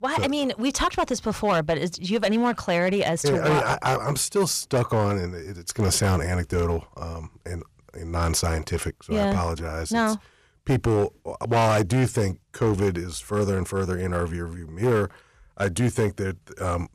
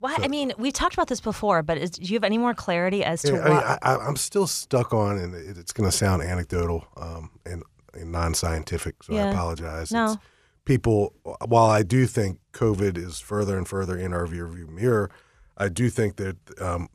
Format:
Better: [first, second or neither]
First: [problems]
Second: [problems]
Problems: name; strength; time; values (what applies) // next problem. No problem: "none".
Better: second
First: distortion; slight; 6% of the sound clipped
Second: none